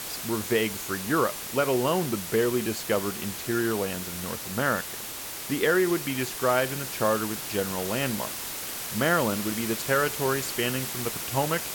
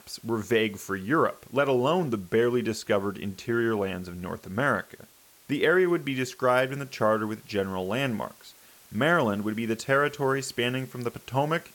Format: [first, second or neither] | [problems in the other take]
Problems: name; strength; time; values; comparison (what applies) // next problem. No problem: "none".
second | hiss; loud; throughout; 5 dB below the speech; faint in the second